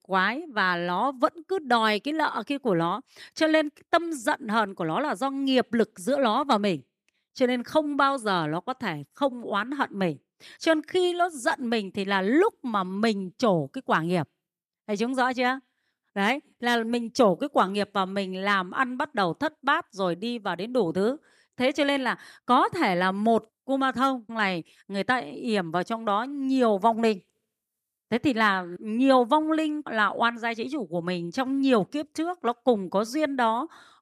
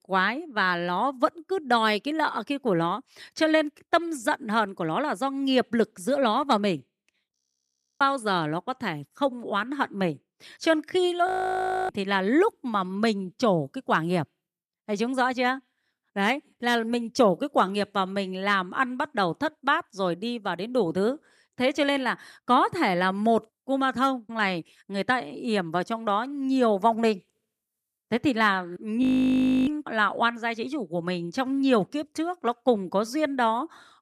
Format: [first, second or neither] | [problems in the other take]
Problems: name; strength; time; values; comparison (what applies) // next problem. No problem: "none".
first | audio freezing; at 7.5 s for 0.5 s, at 11 s for 0.5 s and at 29 s for 0.5 s